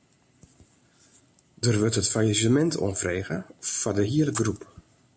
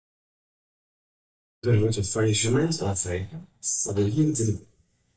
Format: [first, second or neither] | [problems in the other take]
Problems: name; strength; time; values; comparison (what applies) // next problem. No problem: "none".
first | noise reduction (neural mask model DeepFilterNet 3)